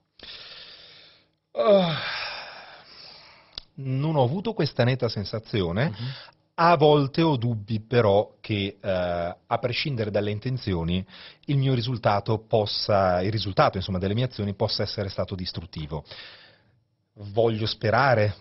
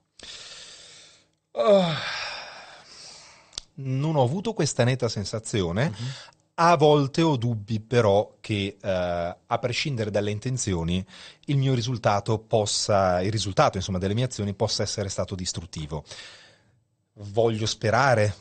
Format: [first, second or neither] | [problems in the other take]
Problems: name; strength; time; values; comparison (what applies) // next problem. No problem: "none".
second | garbled, watery; badly; nothing above 5.5 kHz; slightly in the second